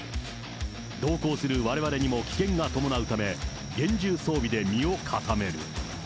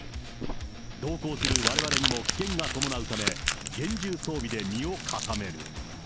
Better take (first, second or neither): first